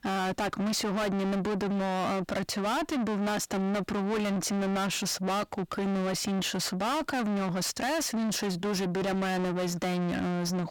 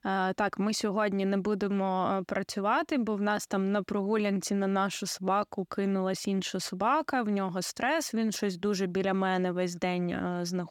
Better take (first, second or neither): second